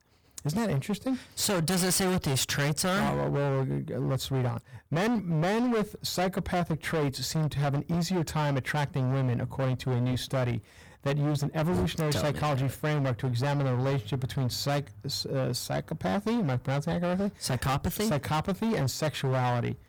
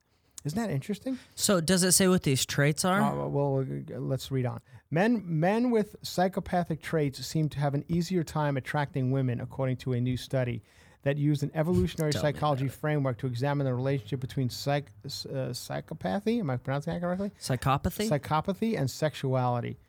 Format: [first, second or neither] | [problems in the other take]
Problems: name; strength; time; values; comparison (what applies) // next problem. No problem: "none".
second | distortion; heavy; 26% of the sound clipped